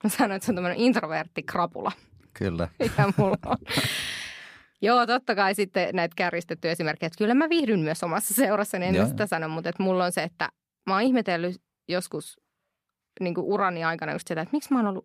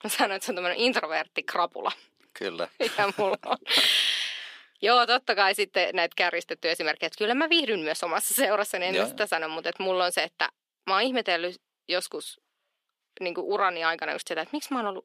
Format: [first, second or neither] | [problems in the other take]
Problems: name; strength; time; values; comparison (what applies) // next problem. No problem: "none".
first | thin; somewhat; fading below 350 Hz